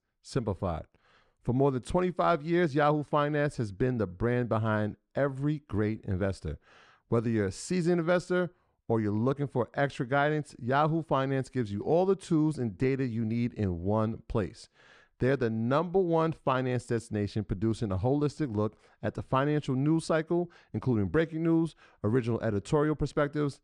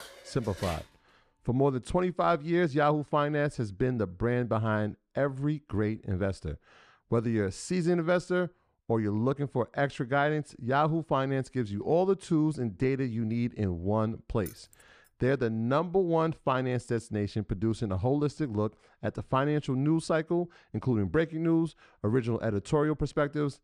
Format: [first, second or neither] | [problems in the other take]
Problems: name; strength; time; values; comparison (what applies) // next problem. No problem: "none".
first | clattering dishes; faint; at the start; peak 10 dB below the speech // jangling keys; faint; at 14 s; peak 20 dB below the speech